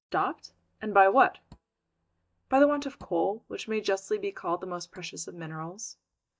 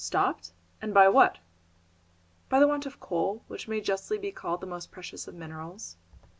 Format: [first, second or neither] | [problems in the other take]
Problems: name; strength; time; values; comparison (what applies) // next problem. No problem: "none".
second | noise reduction (neural mask model DeepFilterNet 3)